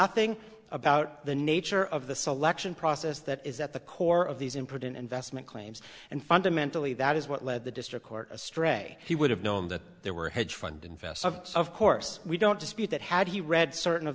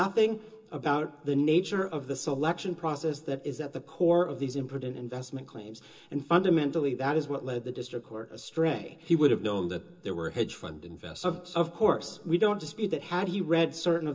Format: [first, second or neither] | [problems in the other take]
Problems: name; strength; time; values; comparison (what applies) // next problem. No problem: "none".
first | room echo; dies away in 0.2 s